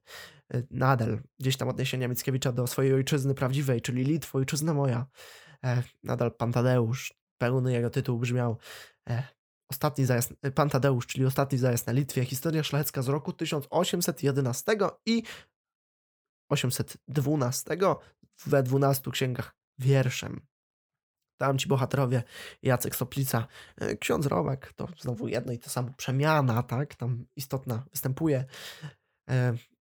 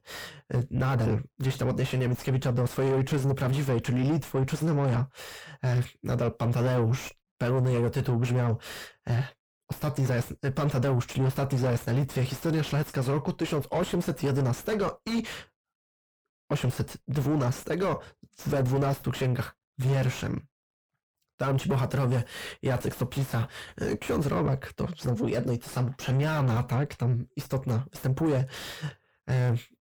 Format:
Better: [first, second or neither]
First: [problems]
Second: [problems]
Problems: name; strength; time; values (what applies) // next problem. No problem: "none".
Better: first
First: none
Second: distortion; heavy; 5 dB below the speech